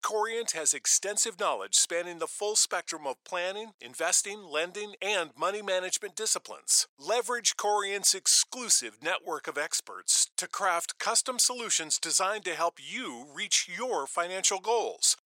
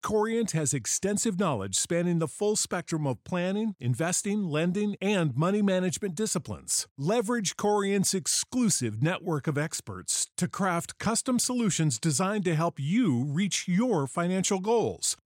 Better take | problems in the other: second | thin; very; fading below 550 Hz

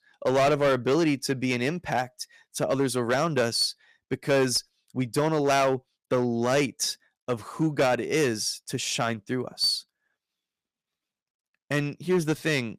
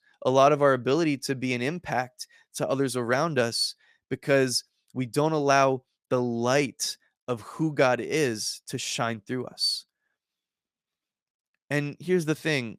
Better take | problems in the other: second | distortion; slight; 5% of the sound clipped

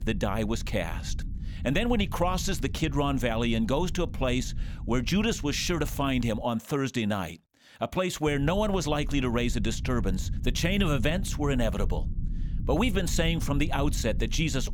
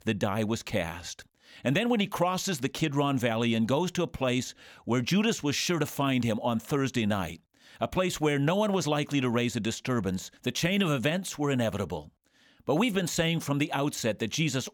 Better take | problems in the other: second | low rumble; noticeable; until 6.5 s and from 8.5 s on; 20 dB below the speech

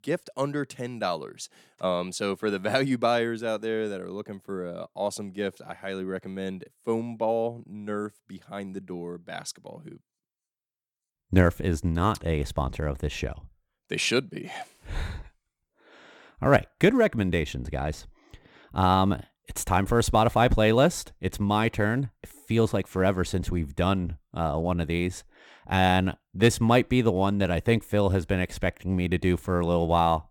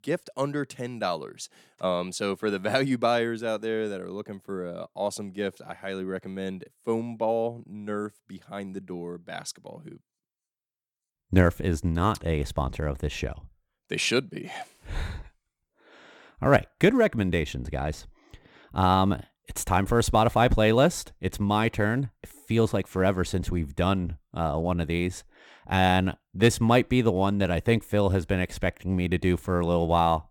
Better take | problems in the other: neither | none

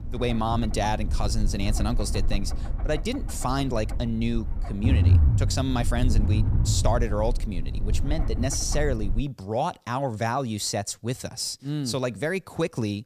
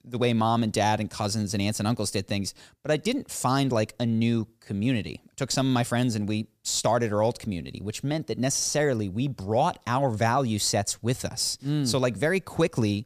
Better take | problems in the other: second | low rumble; noticeable; until 9 s; 10 dB below the speech

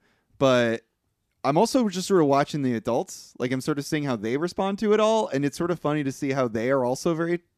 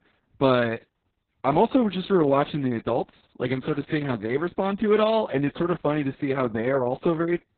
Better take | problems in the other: first | garbled, watery; badly; nothing above 4 kHz

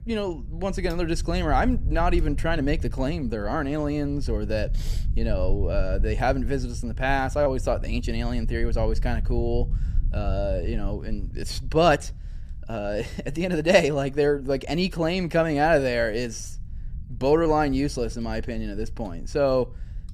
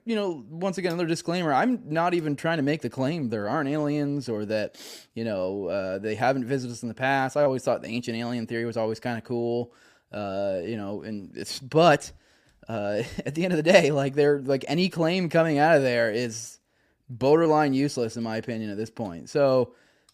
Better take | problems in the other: second | low rumble; faint; throughout; 25 dB below the speech

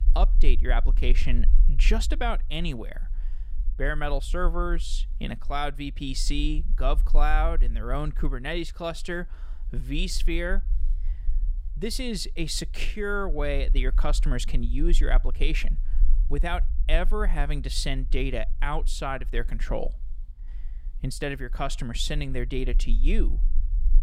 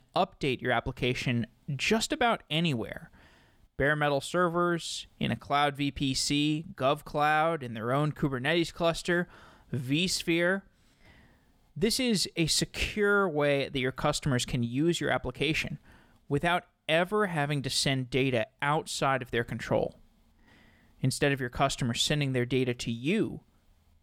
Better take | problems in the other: second | low rumble; faint; throughout; 25 dB below the speech

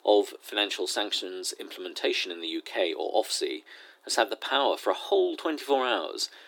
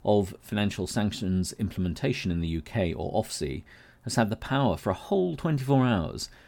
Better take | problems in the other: second | thin; very; fading below 300 Hz

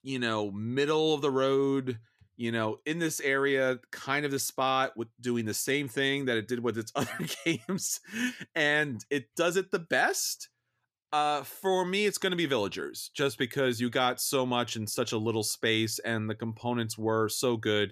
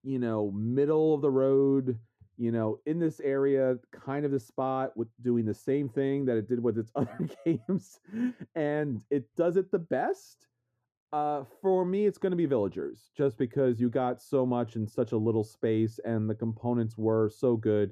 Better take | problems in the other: first | muffled; very; fading above 1.5 kHz

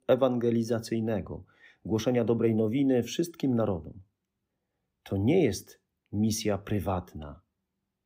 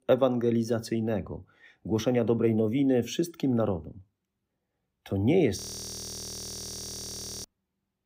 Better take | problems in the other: first | audio freezing; at 5.5 s for 2 s

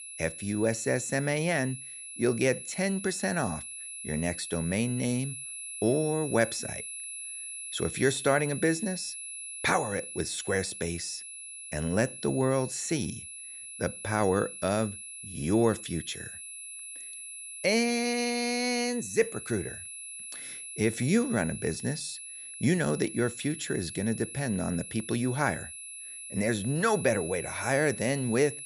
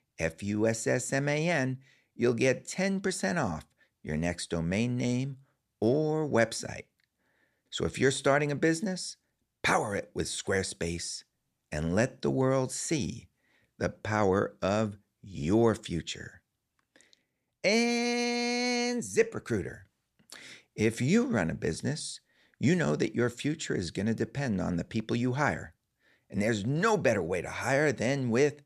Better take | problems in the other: second | high-pitched whine; loud; throughout; 11 kHz, 9 dB below the speech

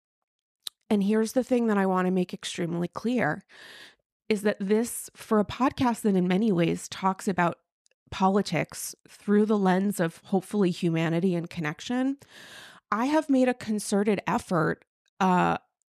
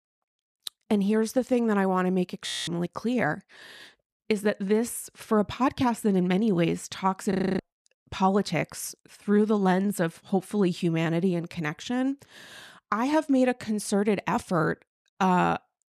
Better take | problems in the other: first | audio freezing; at 2.5 s and at 7.5 s

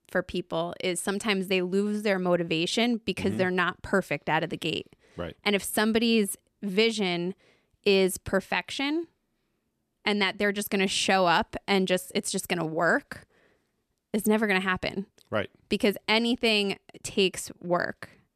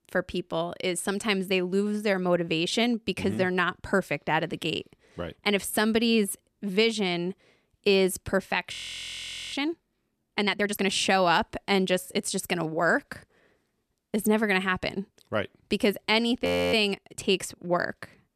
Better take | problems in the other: first | audio freezing; at 8.5 s for 1 s and at 16 s

